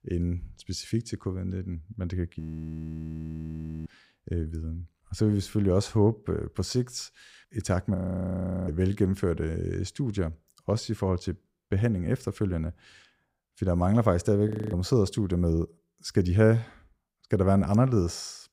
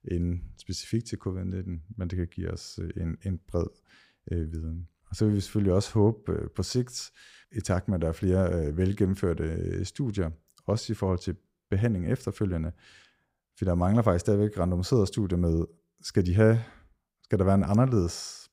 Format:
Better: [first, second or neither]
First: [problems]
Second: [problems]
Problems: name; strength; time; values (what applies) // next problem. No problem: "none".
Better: second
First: audio freezing; at 2.5 s for 1.5 s, at 8 s for 0.5 s and at 14 s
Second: none